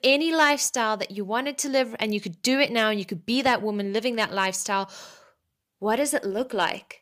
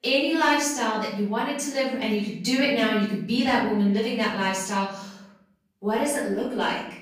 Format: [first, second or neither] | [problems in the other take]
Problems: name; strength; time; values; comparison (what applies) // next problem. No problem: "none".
first | off-mic speech; far // room echo; noticeable; dies away in 0.8 s